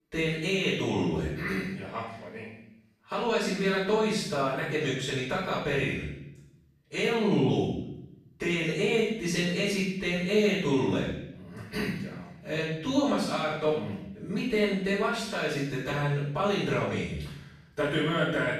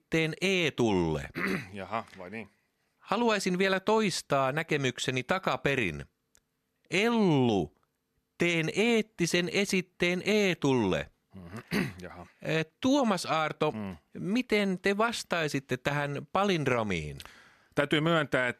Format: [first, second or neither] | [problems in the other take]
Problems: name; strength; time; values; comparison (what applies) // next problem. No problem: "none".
second | off-mic speech; far // room echo; strong; dies away in 0.8 s